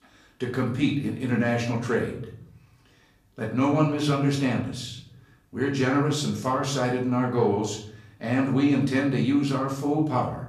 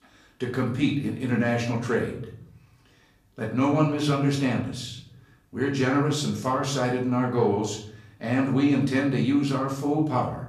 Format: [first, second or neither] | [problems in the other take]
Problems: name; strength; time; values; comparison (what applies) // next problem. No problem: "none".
neither | room echo; slight; dies away in 0.6 s; the same in both // off-mic speech; far; the same in both